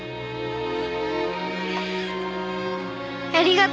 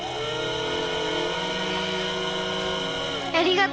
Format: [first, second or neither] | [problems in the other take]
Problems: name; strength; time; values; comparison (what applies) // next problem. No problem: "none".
first | background sound (Tools); 2 dB below the speech